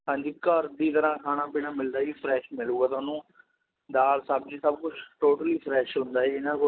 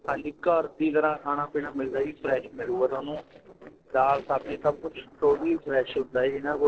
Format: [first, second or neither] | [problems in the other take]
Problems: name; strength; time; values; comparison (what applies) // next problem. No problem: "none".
first | noise reduction (neural separator model SepFormer DNS4)